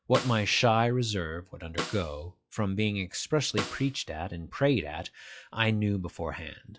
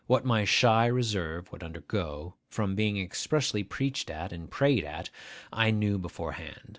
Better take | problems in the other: second | noise reduction (classical method log-MMSE)

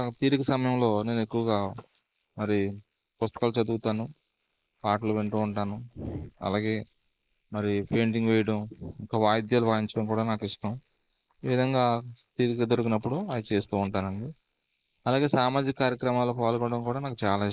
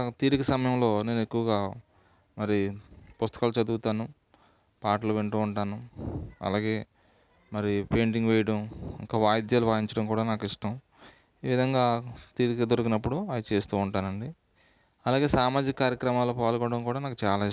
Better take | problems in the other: second | noise reduction (neural mask model Resemble Enhance denoiser)

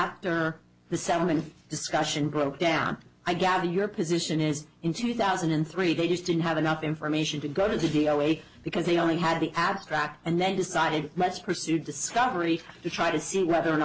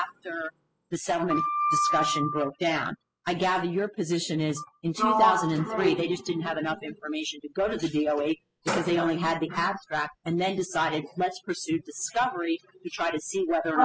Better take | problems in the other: first | noise reduction (classical method spectral subtraction)

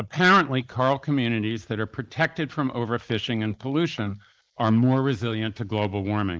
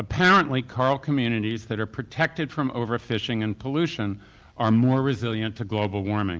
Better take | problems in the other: second | noise reduction (neural mask model Resemble Enhance denoiser)

